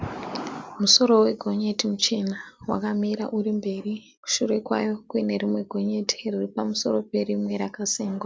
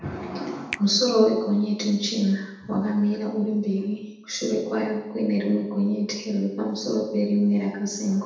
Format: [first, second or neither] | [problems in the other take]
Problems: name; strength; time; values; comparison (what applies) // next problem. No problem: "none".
first | background sound (Finger snapping); 19 dB below the speech // room echo; dies away in 0.8 s